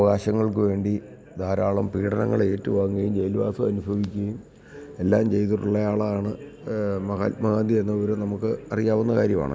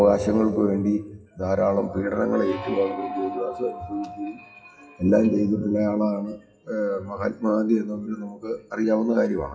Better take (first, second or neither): first